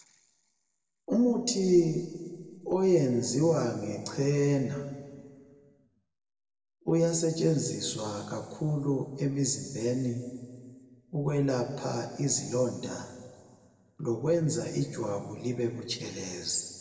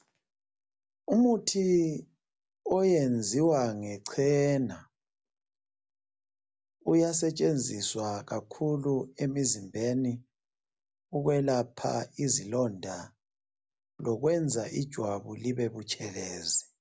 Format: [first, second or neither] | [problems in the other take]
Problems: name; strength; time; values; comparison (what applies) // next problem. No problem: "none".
second | room echo; dies away in 1.7 s